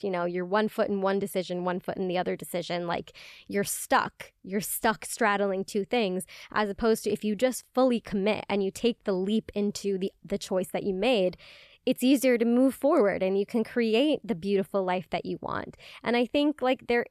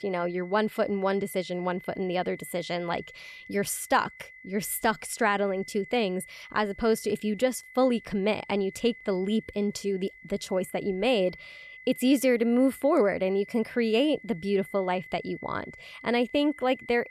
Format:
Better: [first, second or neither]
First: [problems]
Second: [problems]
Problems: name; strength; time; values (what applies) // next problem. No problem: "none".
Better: first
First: none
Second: high-pitched whine; noticeable; throughout; 2 kHz, 20 dB below the speech